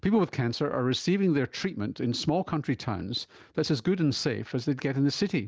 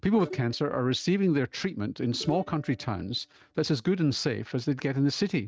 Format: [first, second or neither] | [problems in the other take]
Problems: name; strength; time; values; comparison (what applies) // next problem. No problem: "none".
first | noise reduction (neural mask model RNNoise)